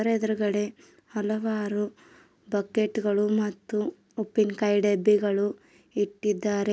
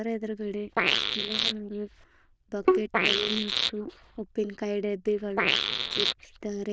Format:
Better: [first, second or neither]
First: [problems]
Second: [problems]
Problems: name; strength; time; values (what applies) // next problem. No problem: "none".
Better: first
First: none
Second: noise reduction (neural diffusion model UNIVERSE++)